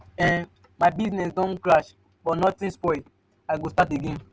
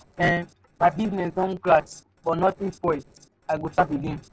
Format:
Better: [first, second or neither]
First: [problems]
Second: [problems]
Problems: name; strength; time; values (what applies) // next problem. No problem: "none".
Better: first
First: none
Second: noise reduction (neural separator model SepFormer DNS4)